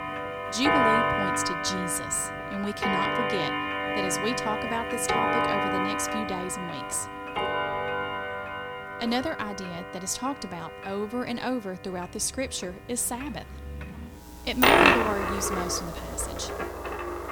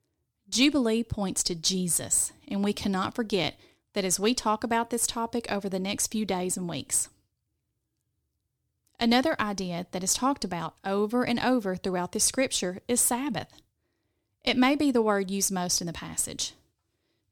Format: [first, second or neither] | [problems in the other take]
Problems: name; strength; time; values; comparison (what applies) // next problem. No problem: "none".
second | household noises; very loud; throughout; 4 dB above the speech